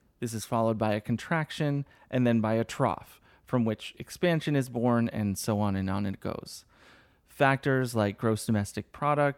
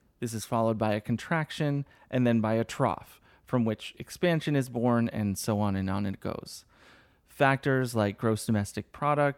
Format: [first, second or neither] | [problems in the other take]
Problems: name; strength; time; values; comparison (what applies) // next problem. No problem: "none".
neither | none